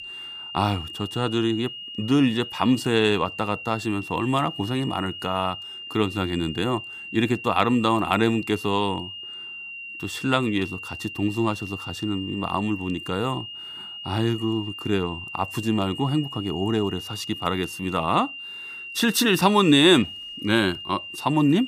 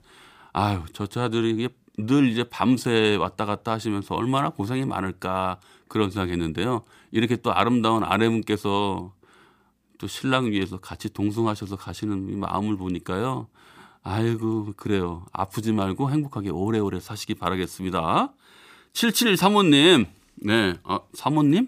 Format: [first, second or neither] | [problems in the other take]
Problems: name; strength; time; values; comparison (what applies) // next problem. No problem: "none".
second | high-pitched whine; noticeable; throughout; 3 kHz, 10 dB below the speech